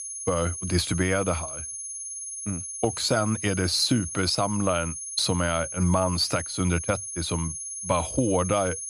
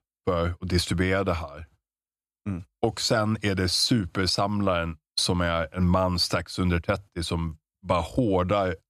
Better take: second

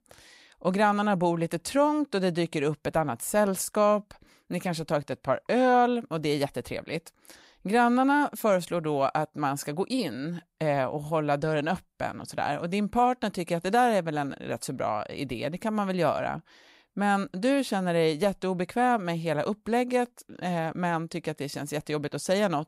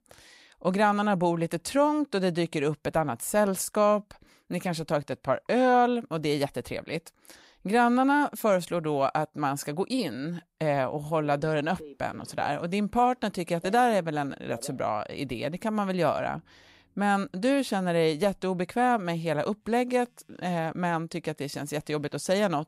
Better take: first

